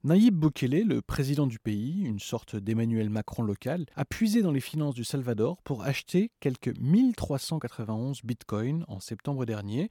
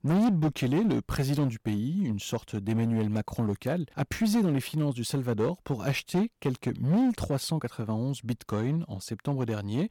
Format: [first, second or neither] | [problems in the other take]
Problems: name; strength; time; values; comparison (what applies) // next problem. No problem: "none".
first | distortion; slight; 9% of the sound clipped